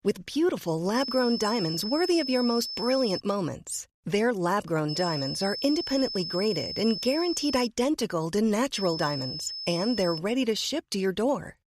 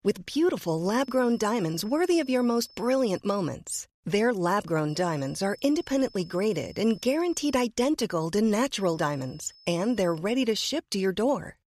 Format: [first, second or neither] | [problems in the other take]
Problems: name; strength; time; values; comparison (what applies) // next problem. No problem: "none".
second | high-pitched whine; loud; from 1 to 3 s, from 5 to 7.5 s and from 8.5 to 10 s; 5.5 kHz, 6 dB below the speech; faint in the second